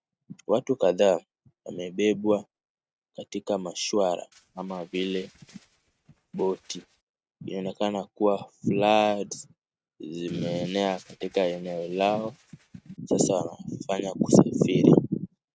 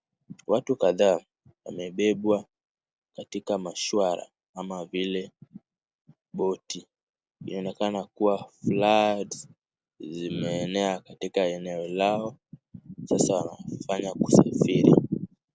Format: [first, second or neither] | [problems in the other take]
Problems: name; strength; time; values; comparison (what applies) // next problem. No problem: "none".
second | noise reduction (neural mask model RNNoise)